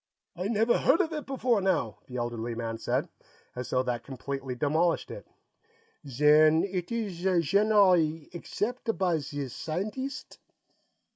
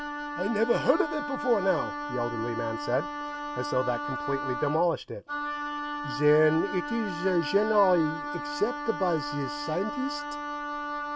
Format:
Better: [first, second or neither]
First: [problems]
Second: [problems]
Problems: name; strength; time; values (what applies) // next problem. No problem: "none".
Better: first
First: none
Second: background sound (Wind instrument, woodwind instrument); 5 dB below the speech